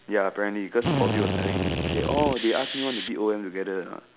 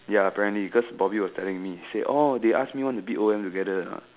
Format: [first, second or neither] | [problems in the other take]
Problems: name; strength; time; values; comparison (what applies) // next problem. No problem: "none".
second | background sound (Drill); 1 dB below the speech